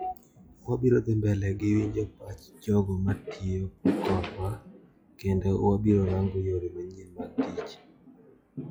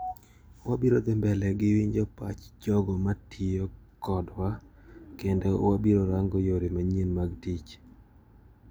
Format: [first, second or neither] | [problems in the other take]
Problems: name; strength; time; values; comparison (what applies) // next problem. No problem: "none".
second | noise reduction (classical method log-MMSE)